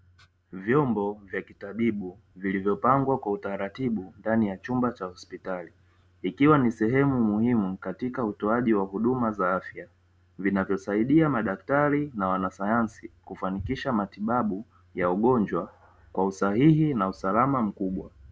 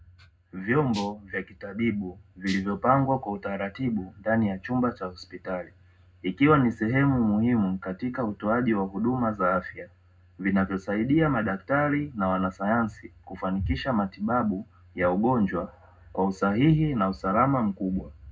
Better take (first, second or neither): first